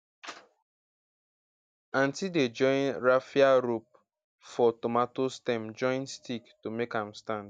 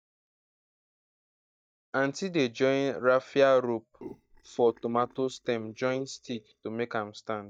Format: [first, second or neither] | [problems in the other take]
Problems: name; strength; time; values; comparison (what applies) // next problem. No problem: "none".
first | noise reduction (neural mask model DeepFilterNet 3)